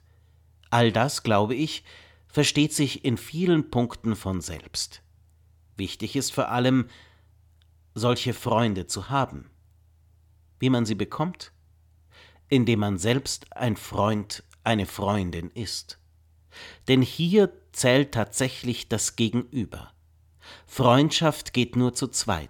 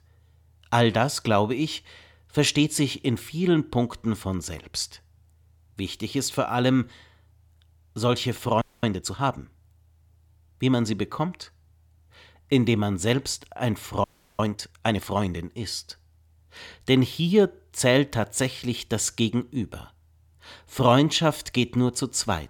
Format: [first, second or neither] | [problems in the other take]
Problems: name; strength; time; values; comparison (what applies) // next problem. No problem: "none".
first | audio freezing; at 8.5 s and at 14 s